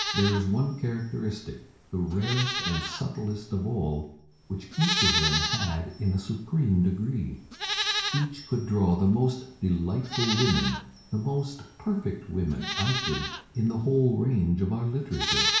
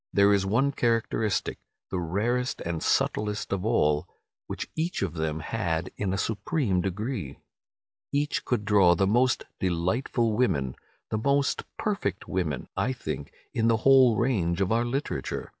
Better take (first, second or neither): second